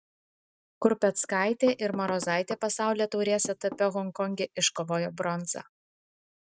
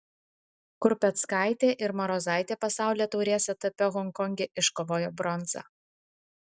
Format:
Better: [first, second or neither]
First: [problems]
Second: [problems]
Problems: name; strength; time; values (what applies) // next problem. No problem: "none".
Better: second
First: noise reduction (neural mask model RNNoise)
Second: none